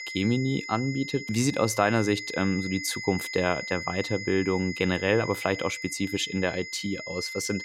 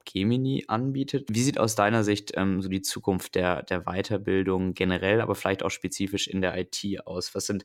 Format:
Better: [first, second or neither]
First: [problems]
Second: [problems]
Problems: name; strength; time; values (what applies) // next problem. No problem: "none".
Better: second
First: high-pitched whine; loud; throughout; 2 kHz, 8 dB below the speech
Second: none